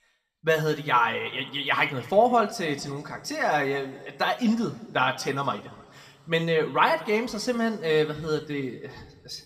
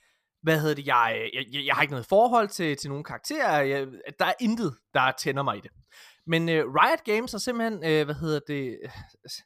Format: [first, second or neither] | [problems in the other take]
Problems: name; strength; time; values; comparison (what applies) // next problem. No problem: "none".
second | room echo; slight; dies away in 1.9 s